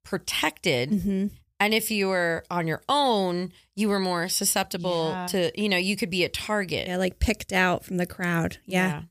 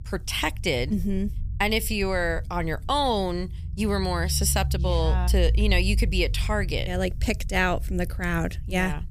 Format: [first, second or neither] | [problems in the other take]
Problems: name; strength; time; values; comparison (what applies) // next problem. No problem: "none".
first | low rumble; faint; throughout; 20 dB below the speech